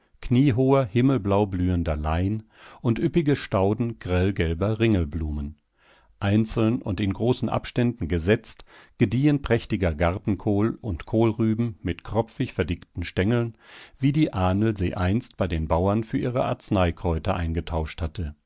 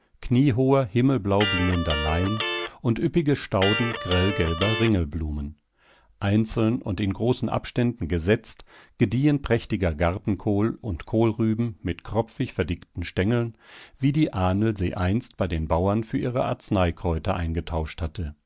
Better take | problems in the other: first | background sound (Electric guitar); 6 dB below the speech

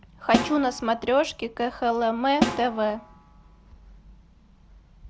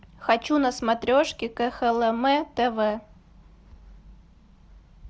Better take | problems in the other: second | background sound (Snare drum); 5 dB below the speech

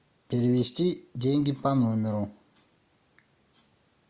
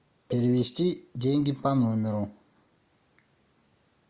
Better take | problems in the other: first | noise reduction (neural mask model Resemble Enhance denoiser)

